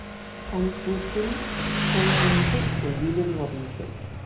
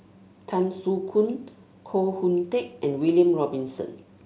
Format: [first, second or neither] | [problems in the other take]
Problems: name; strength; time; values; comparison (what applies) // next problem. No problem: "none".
second | background sound (Motorcycle); 3 dB above the speech // room echo; dies away in 0.4 s